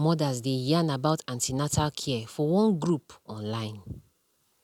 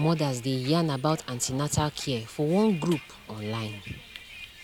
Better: first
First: none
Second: background sound (Bus); 17 dB below the speech

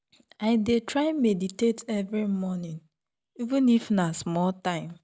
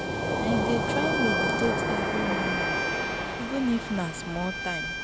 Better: first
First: none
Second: background sound (Bowed string instrument + Waves, surf); 3 dB above the speech

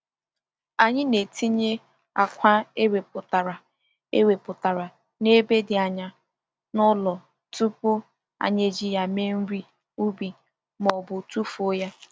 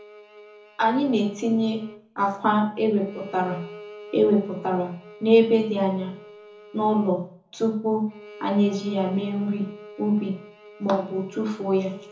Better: first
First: none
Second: background sound (Bowed string instrument); 20 dB below the speech // room echo; dies away in 0.6 s

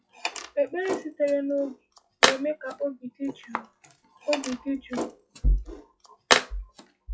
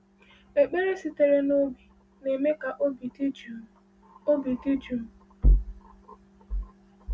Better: second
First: noise reduction (classical method log-MMSE)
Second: none

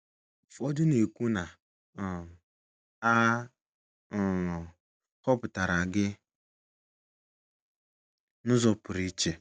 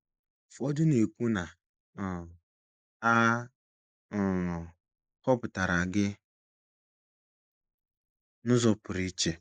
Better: first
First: none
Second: noise reduction (neural mask model Resemble Enhance denoiser)

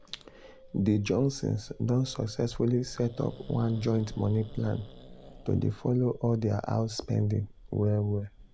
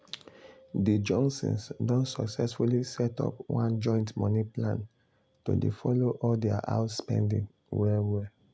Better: second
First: background sound (Growling); 18 dB below the speech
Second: none

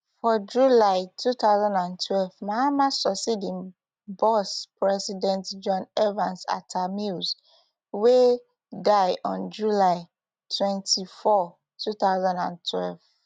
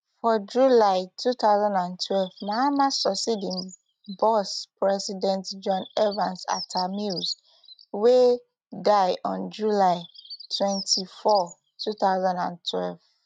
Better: first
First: none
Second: noise reduction (neural mask model RNNoise)

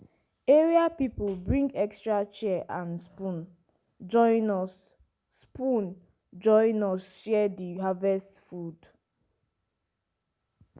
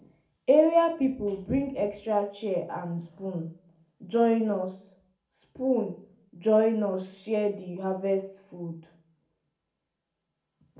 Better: first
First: none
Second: room echo; dies away in 0.4 s

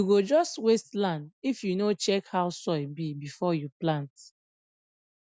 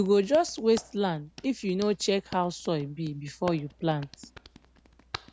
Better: first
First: none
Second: background sound (Hands); 18 dB below the speech

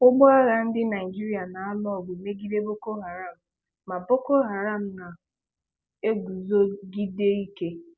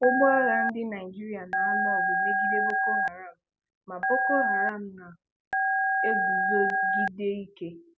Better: first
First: none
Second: background sound (Telephone); 4 dB above the speech

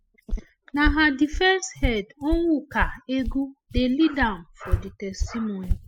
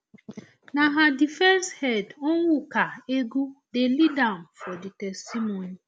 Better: second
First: noise reduction (classical method spectral subtraction)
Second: none

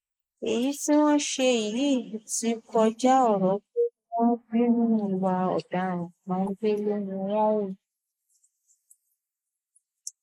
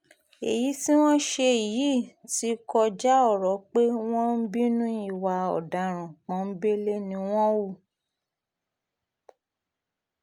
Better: second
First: noise reduction (neural mask model Resemble Enhance denoiser)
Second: none

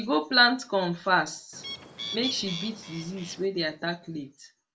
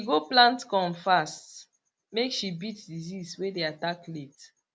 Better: second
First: background sound (Bird); 10 dB below the speech // room echo; dies away in 0.2 s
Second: none

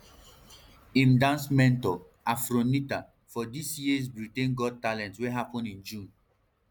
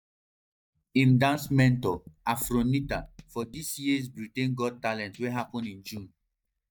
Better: first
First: none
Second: noise reduction (neural mask model DeepFilterNet 3)

